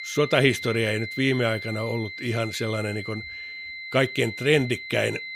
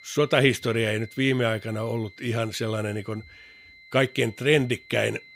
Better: second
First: high-pitched whine; loud; throughout; 2 kHz, 9 dB below the speech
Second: high-pitched whine; faint; throughout; 2 kHz, 25 dB below the speech

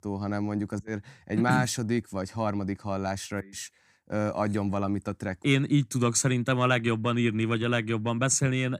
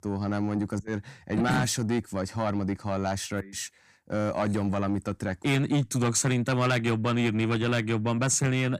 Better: first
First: none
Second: distortion; slight; 10 dB below the speech

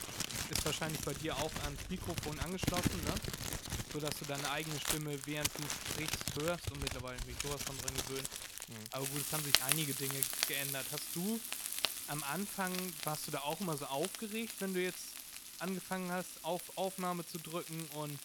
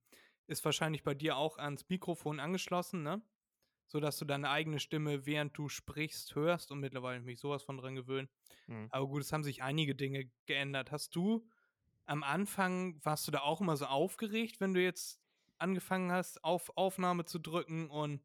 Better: second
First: household noises; very loud; throughout; 2 dB above the speech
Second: none

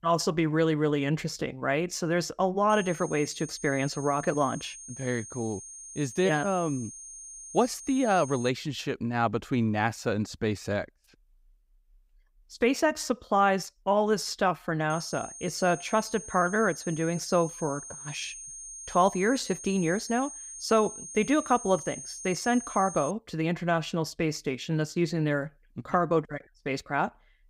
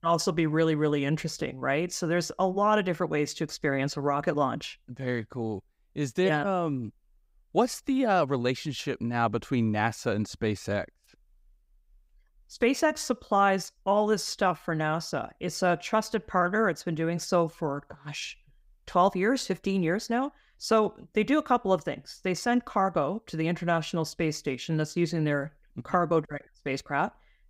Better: second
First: high-pitched whine; noticeable; from 2.5 to 8.5 s and from 15 to 23 s; 6.5 kHz, 10 dB below the speech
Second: none

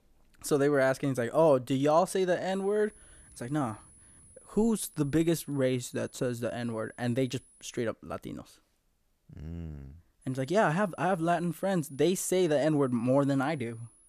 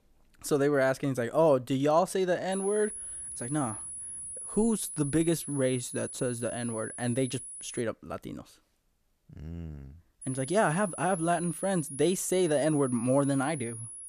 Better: first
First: high-pitched whine; faint; from 2.5 to 8 s and from 10 s on; 10.5 kHz, 25 dB below the speech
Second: high-pitched whine; loud; from 2.5 to 8 s and from 10 s on; 10.5 kHz, 10 dB below the speech

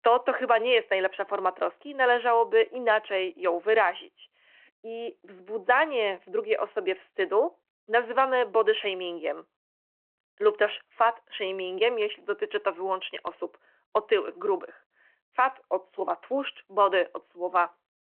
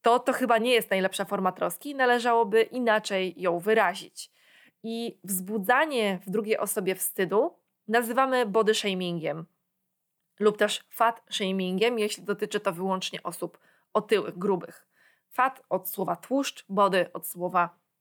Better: second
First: phone-call audio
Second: none

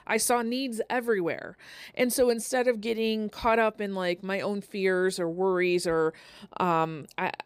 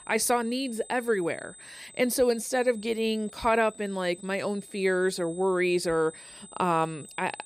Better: first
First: none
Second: high-pitched whine; noticeable; throughout; 8 kHz, 20 dB below the speech

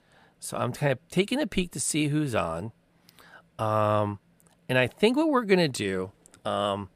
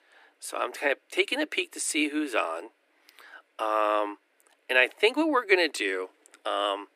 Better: first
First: none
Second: thin; somewhat; fading below 300 Hz

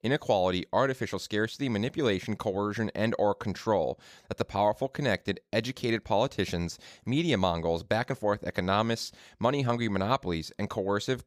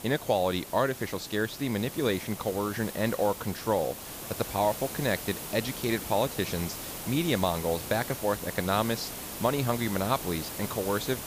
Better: first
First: none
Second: hiss; loud; throughout; 8 dB below the speech

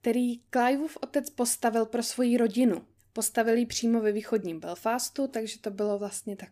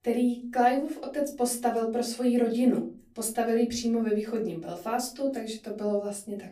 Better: first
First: none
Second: off-mic speech; far // room echo; very slight; dies away in 0.3 s

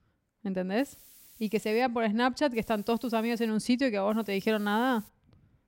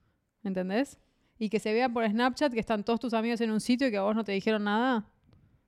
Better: second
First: hiss; faint; from 1 to 2 s, at 2.5 s and at 4 s; 25 dB below the speech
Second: none

